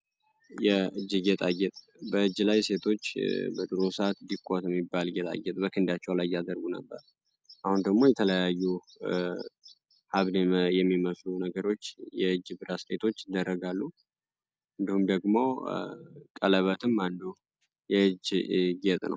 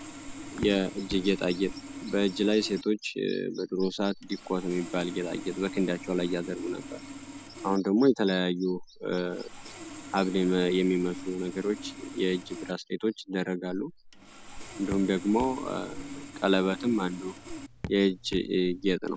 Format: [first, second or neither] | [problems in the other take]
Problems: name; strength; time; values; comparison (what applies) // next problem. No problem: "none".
first | background sound (Sawing + Raindrop / Drip); 13 dB below the speech